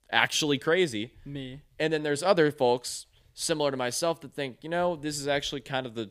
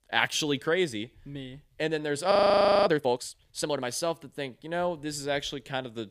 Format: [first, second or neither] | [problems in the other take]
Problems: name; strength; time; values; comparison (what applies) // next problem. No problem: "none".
first | audio freezing; at 2.5 s for 0.5 s